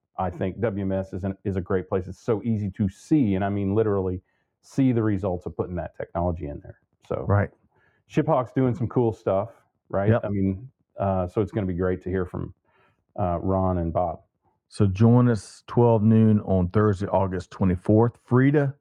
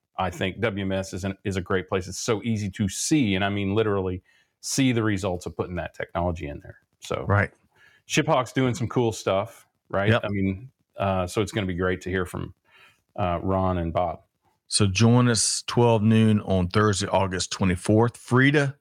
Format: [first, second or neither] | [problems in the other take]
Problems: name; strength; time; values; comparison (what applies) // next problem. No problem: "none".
second | muffled; very; fading above 2 kHz